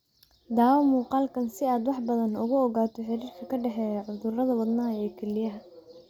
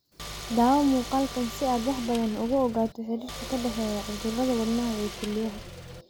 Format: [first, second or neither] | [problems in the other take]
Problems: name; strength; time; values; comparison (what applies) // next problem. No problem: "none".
first | background sound (Car); 11 dB below the speech